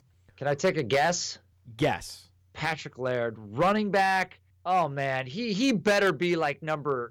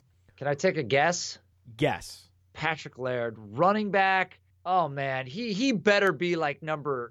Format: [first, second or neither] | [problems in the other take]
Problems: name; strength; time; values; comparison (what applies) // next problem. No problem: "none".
second | distortion; slight; 3% of the sound clipped